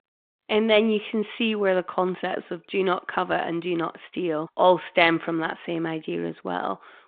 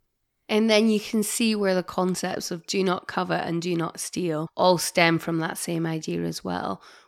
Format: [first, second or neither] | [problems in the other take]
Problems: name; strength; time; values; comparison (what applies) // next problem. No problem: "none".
second | phone-call audio